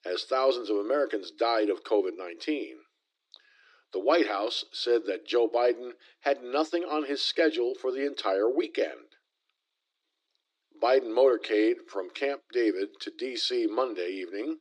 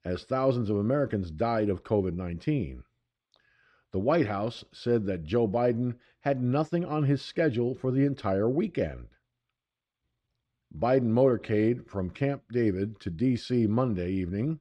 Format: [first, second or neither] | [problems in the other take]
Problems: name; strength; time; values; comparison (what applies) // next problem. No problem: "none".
second | thin; very; fading below 300 Hz